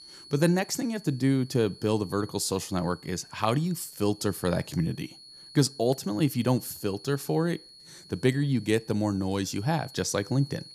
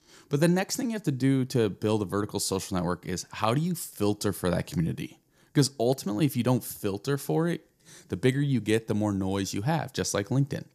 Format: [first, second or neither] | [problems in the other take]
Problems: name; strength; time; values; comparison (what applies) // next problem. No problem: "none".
second | high-pitched whine; noticeable; throughout; 4.5 kHz, 20 dB below the speech